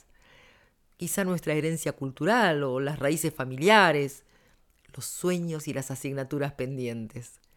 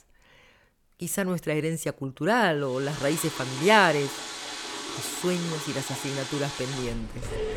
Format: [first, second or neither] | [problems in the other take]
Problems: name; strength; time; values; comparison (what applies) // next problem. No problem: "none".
first | household noises; loud; from 3 s on; 8 dB below the speech